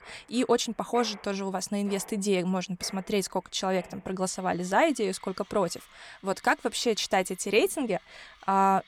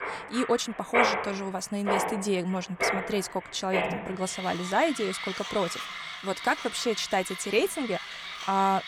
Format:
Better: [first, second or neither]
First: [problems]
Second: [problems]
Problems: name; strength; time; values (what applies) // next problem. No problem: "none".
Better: first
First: machinery noise; faint; throughout; 25 dB below the speech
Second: machinery noise; loud; throughout; 3 dB below the speech